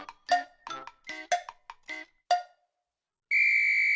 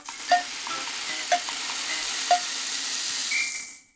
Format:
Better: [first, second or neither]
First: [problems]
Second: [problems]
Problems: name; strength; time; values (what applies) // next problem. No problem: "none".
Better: first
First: none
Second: noise reduction (neural mask model RNNoise)